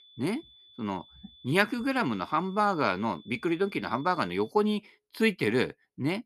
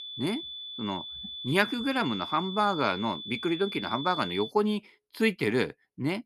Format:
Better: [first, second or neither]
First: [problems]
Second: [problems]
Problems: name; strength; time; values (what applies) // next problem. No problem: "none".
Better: first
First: high-pitched whine; faint; until 4.5 s; 3.5 kHz, 25 dB below the speech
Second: high-pitched whine; loud; until 4.5 s; 3.5 kHz, 8 dB below the speech